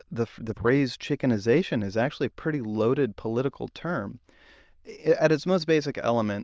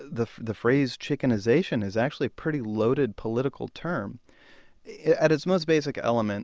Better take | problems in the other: second | noise reduction (neural diffusion model UNIVERSE++)

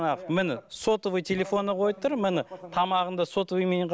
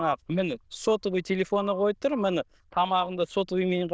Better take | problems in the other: first | noise reduction (neural diffusion model UNIVERSE++)

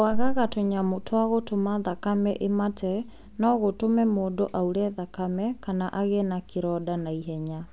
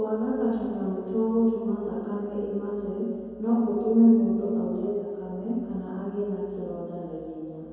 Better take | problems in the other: first | room echo; dies away in 2.2 s

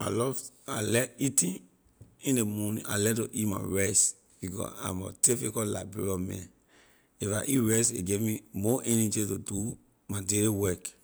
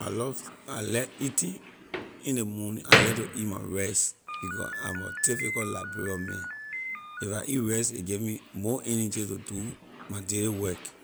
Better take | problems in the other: first | background sound (Slam); 2 dB below the speech

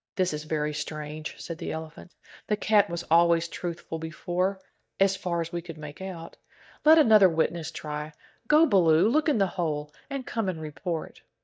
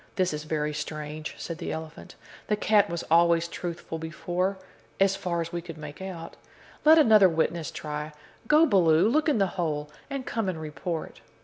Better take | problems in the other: second | noise reduction (neural mask model DeepFilterNet 3)

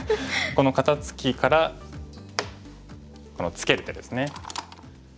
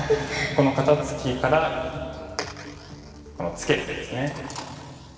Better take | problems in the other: first | room echo; dies away in 2.4 s

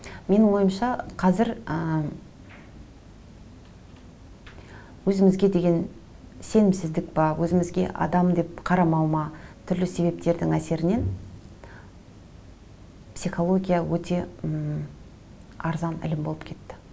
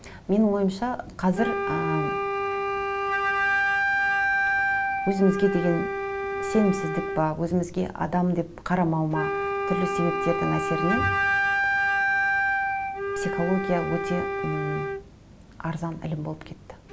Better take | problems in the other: first | background sound (Wind instrument, woodwind instrument); 1 dB above the speech

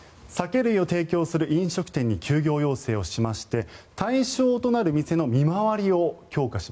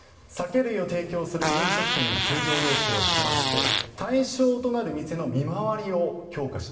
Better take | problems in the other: first | background sound (Fart); 2 dB above the speech // room echo; dies away in 1.2 s

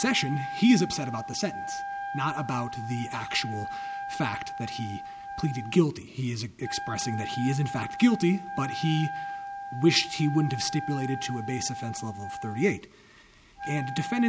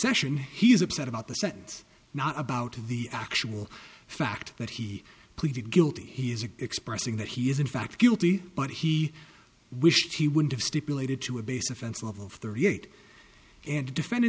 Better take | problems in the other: second | background sound (Wind instrument, woodwind instrument); 8 dB below the speech

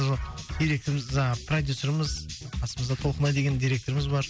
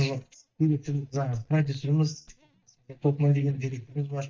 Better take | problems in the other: first | noise reduction (neural mask model DeepFilterNet 3)

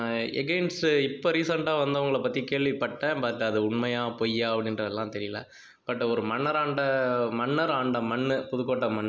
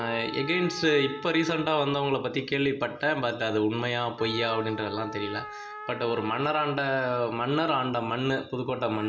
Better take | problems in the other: first | background sound (Trumpet); 15 dB below the speech // room echo; dies away in 0.2 s

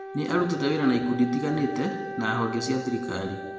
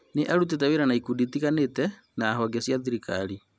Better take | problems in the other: second | background sound (Wind instrument, woodwind instrument); 9 dB below the speech // room echo; dies away in 1.1 s

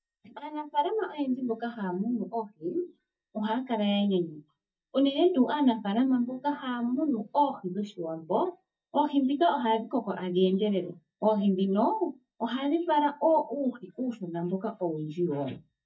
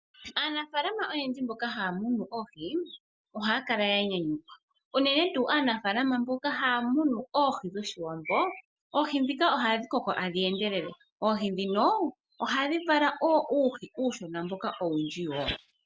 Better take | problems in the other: second | noise reduction (neural mask model DeepFilterNet 3)

